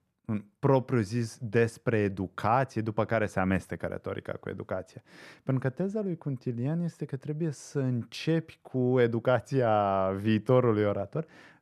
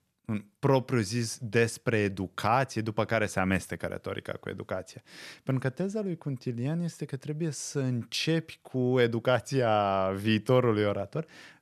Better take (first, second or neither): second